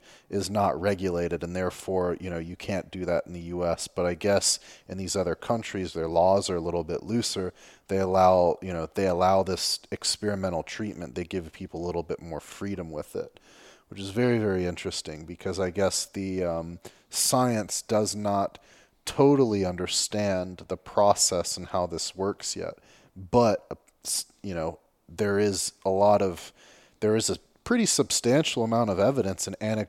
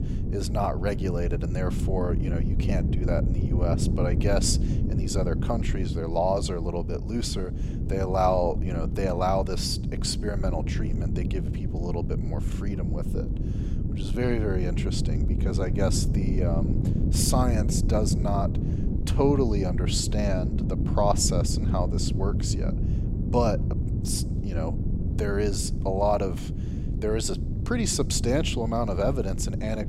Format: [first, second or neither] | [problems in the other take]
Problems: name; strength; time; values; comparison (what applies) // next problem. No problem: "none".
first | wind noise on the microphone; heavy; 9 dB below the speech